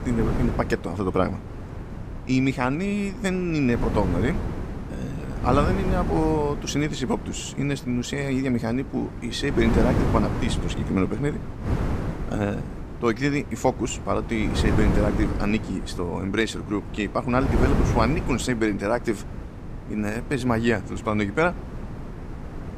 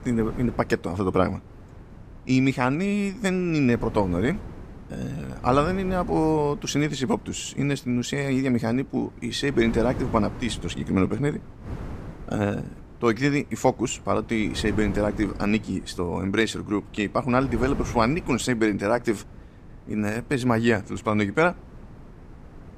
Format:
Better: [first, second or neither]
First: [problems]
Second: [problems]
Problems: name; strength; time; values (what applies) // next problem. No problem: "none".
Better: second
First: wind noise on the microphone; heavy; 9 dB below the speech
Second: wind noise on the microphone; occasional gusts; 20 dB below the speech